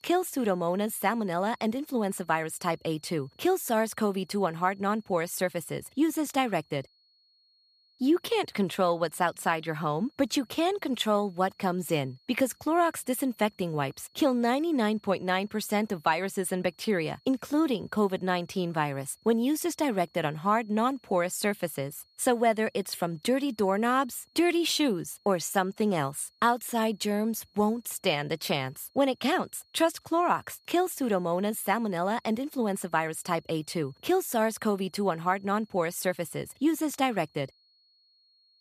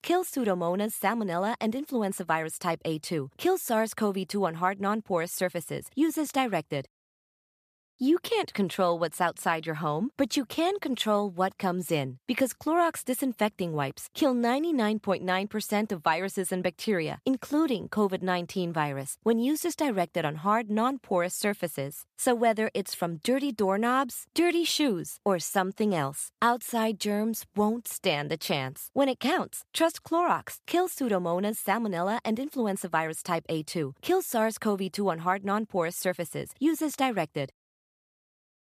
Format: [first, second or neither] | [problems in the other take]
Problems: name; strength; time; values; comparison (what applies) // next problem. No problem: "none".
second | high-pitched whine; faint; throughout; 4.5 kHz, 35 dB below the speech